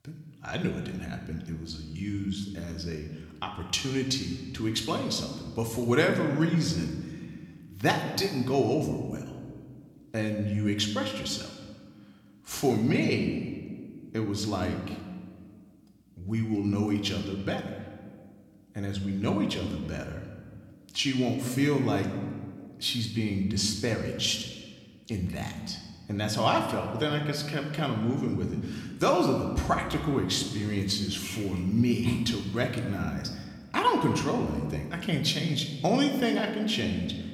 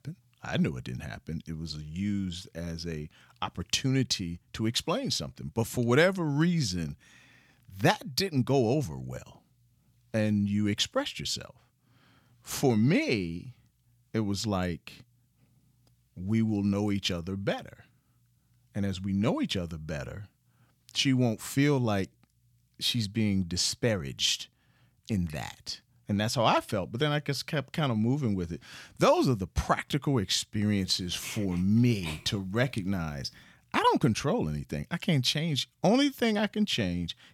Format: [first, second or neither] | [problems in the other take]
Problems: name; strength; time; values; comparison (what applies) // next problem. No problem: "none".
second | room echo; slight; dies away in 1.3 s